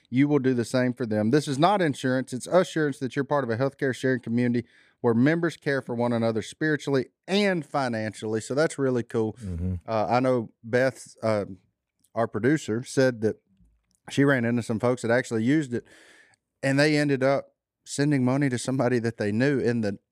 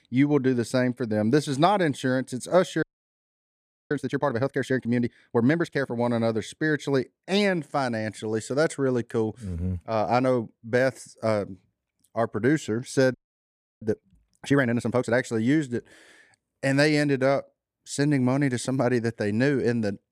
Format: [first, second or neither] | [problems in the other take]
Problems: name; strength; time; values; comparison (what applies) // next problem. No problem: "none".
first | audio freezing; at 3 s for 1 s and at 13 s for 0.5 s